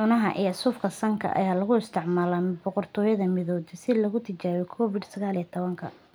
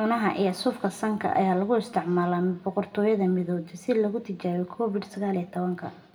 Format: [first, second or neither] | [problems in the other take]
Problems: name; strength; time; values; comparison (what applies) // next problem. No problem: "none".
first | room echo; dies away in 0.7 s